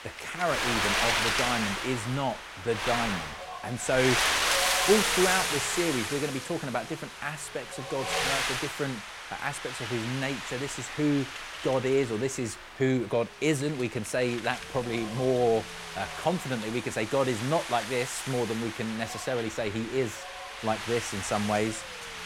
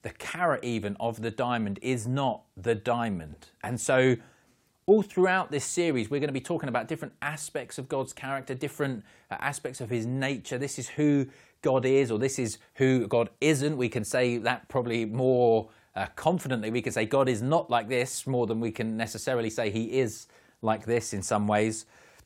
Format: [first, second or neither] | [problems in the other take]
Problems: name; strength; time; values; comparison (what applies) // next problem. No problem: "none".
second | wind noise on the microphone; heavy; 1 dB above the speech